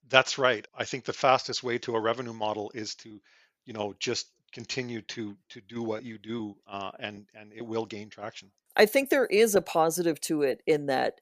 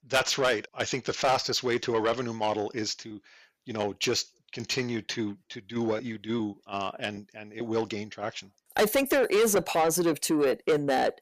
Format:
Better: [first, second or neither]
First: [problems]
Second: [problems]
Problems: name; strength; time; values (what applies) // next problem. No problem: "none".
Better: first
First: none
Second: distortion; heavy; 6 dB below the speech